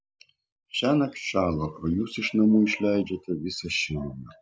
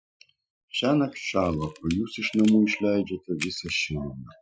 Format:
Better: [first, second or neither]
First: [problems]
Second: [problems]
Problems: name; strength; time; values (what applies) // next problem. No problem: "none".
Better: first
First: none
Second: noise reduction (classical method Wiener filter)